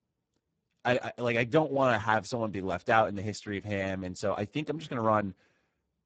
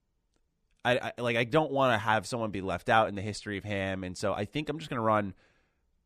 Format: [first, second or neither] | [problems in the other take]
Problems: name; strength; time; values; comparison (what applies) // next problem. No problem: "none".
second | garbled, watery; badly; nothing above 8 kHz